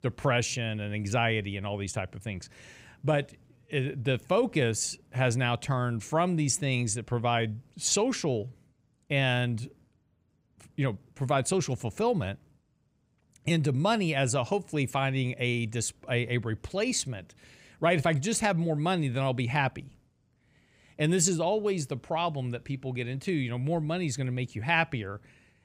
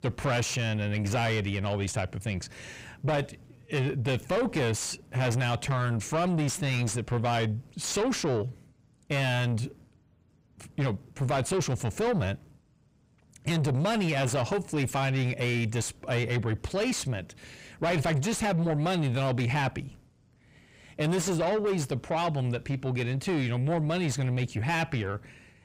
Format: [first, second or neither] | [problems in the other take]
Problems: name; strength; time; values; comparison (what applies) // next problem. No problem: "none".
first | distortion; heavy; 7 dB below the speech